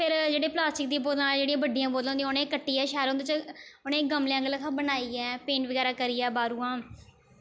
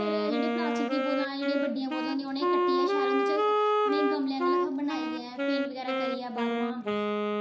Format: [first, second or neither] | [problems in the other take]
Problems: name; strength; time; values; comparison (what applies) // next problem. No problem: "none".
first | background sound (Wind instrument, woodwind instrument); 5 dB above the speech // room echo; dies away in 0.7 s